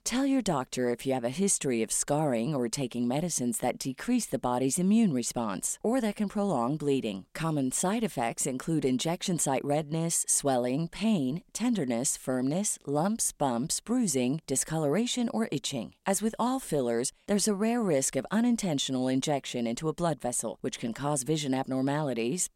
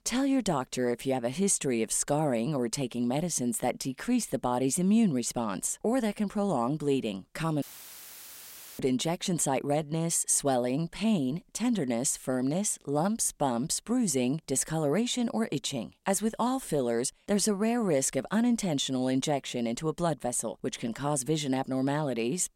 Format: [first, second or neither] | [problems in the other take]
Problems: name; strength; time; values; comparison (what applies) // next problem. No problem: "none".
first | audio cutting out; filled with static; at 7.5 s for 1 s